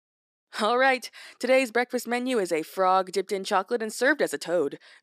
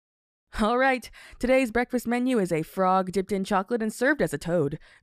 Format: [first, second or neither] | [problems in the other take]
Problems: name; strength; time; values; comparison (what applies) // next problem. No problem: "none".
second | thin; very slightly; fading below 300 Hz